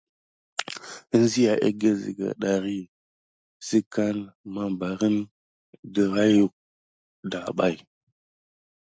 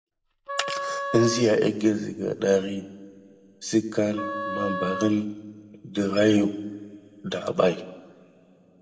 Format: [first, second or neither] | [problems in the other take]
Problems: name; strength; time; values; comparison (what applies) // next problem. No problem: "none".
first | background sound (Wind instrument, woodwind instrument); 8 dB below the speech // room echo; dies away in 1.4 s